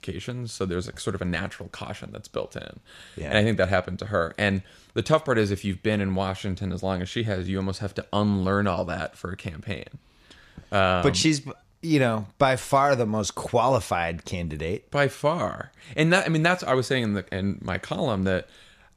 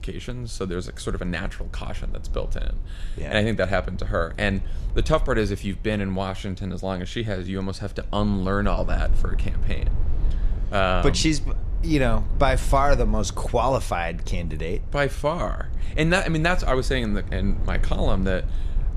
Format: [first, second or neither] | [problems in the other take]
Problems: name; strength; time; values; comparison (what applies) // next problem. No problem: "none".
first | low rumble; faint; throughout; 20 dB below the speech